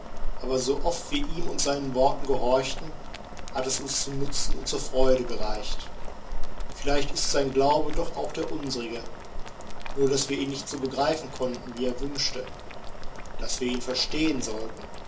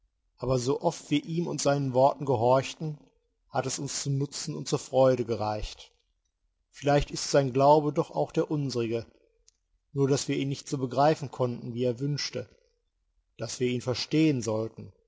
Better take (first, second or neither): second